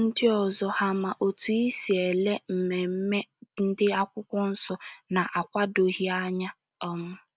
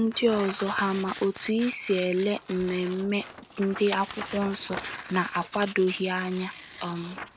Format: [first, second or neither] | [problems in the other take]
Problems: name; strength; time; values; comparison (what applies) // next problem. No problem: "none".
first | background sound (Tearing); 13 dB below the speech